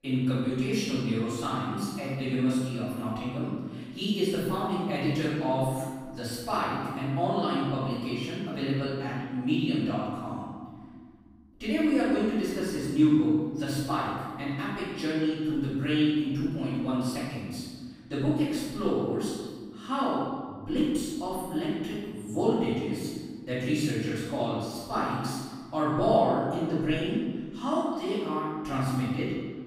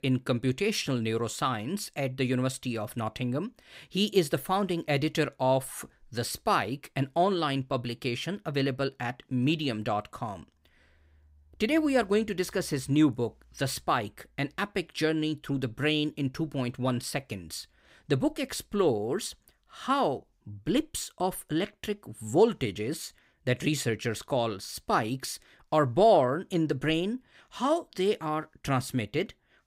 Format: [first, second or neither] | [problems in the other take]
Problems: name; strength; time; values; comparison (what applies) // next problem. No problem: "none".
second | off-mic speech; far // room echo; strong; dies away in 1.6 s